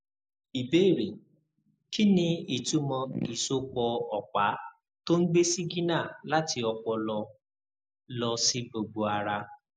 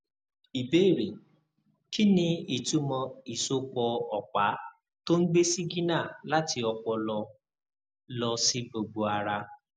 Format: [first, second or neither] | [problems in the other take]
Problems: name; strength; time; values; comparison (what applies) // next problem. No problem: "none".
second | noise reduction (neural mask model Resemble Enhance denoiser)